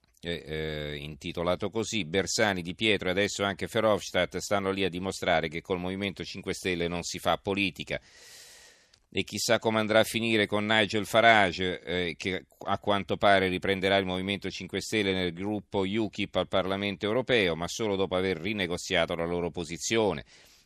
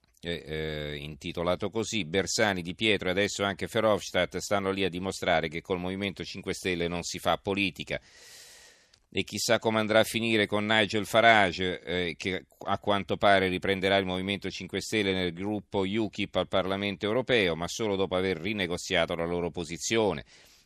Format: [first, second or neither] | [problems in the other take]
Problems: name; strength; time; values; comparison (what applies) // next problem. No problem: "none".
neither | none